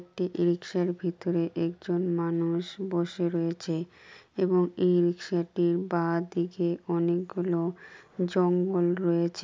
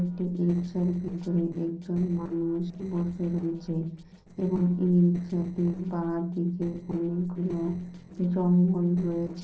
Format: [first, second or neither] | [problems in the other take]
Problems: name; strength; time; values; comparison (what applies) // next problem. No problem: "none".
first | noise reduction (neural separator model SepFormer DNS4)